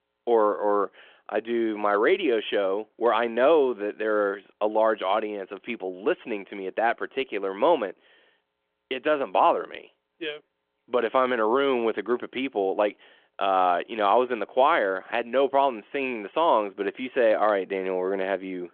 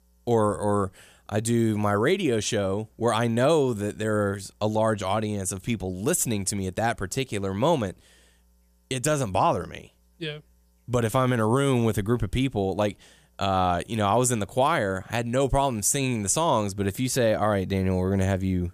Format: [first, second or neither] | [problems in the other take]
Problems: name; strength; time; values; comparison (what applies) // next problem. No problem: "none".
second | phone-call audio